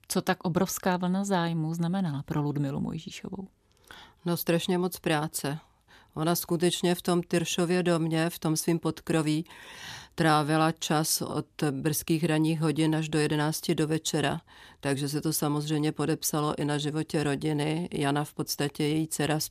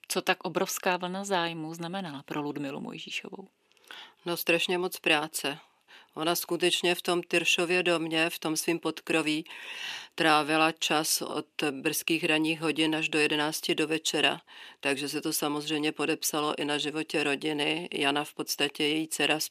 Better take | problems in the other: first | thin; somewhat; fading below 350 Hz

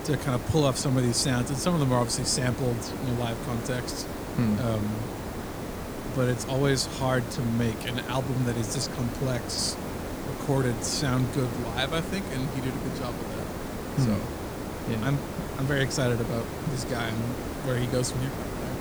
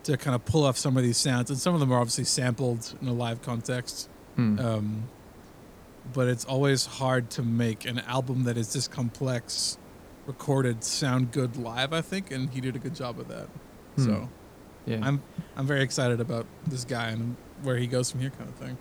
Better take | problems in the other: second | hiss; loud; throughout; 6 dB below the speech; faint in the second

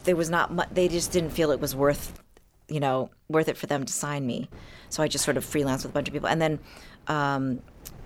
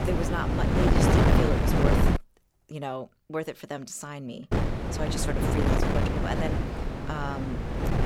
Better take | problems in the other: first | wind noise on the microphone; heavy; until 2 s and from 4.5 s on; 4 dB above the speech; occasional gusts in the first

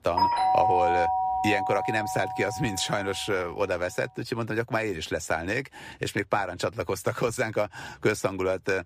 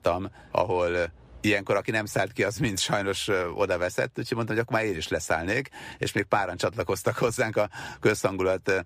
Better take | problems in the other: second | doorbell; loud; until 2.5 s; peak 6 dB above the speech

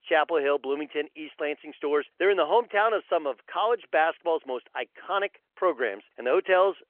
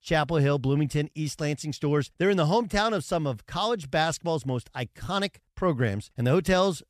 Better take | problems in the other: second | phone-call audio

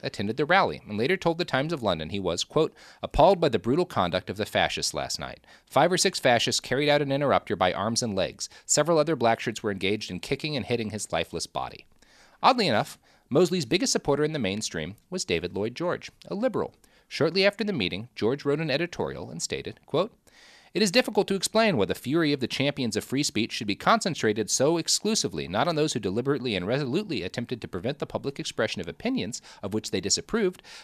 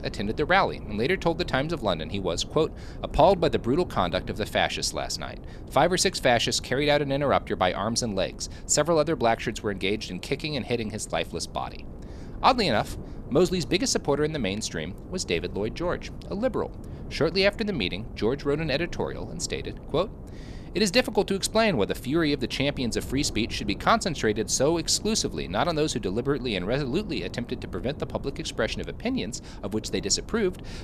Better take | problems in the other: first | wind noise on the microphone; occasional gusts; 20 dB below the speech

